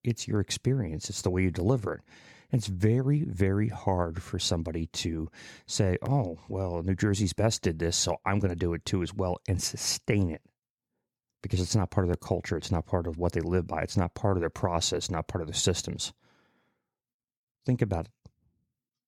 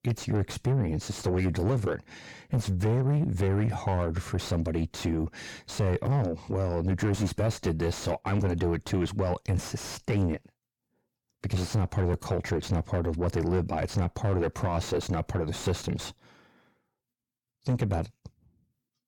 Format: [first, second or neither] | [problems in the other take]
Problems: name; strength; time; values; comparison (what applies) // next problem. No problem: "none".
first | distortion; heavy; 6 dB below the speech